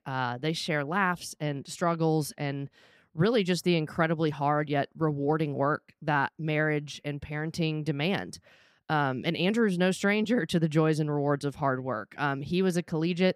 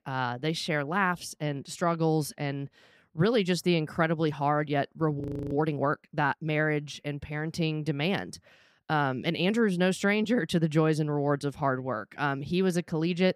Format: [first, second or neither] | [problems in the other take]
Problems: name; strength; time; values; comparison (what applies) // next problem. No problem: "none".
first | audio freezing; at 5 s